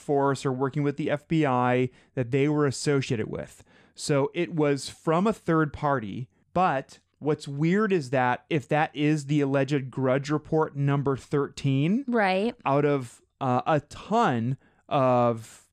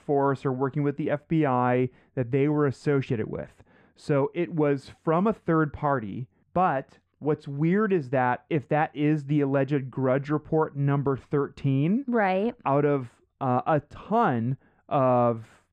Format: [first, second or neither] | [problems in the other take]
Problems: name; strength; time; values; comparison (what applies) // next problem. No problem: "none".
first | muffled; very; fading above 3.5 kHz